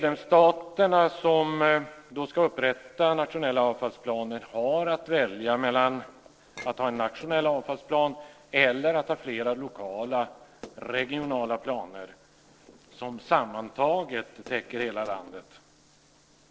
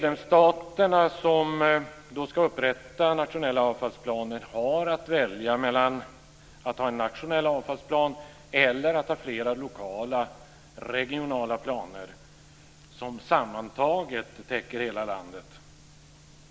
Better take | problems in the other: second | noise reduction (neural separator model SepFormer DNS4)

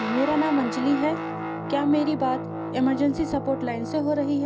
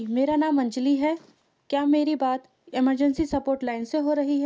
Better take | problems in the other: second | background sound (Guitar); 6 dB below the speech

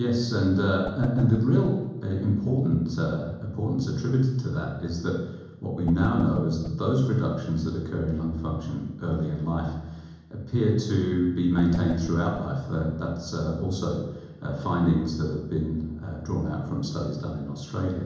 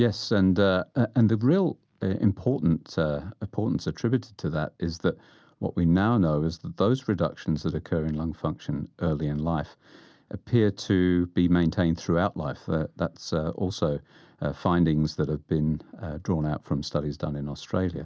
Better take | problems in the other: second | background sound (Whoosh, swoosh, swish); 16 dB below the speech // room echo; dies away in 1 s

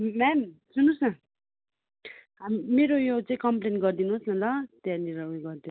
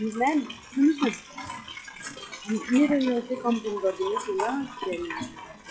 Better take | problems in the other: first | noise reduction (classical method log-MMSE)

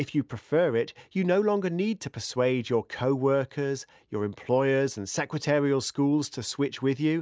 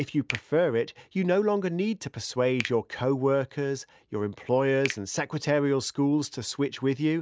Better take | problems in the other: first | background sound (Finger snapping); 17 dB below the speech

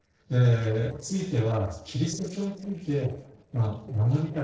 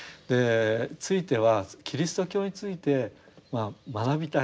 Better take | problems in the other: second | noise reduction (neural separator model SepFormer DNS4)

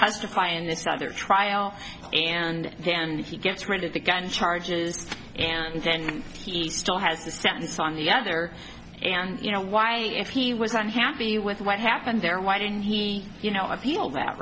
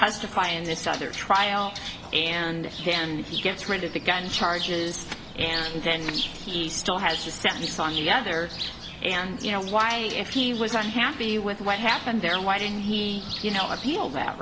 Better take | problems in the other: first | background sound (Bird); 10 dB below the speech

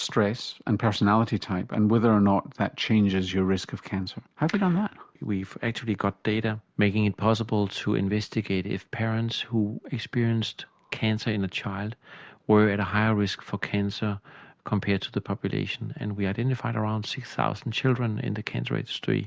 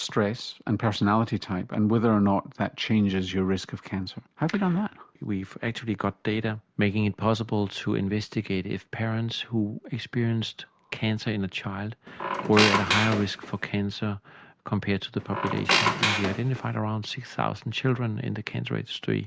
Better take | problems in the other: first | background sound (Squeak); as loud as the speech

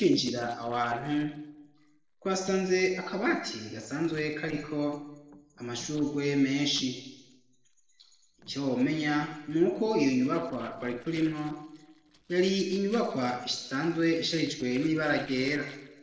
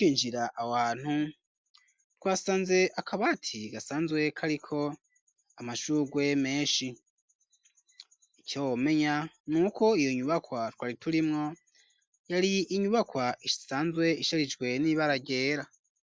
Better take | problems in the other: second | noise reduction (neural separator model SepFormer DNS4)

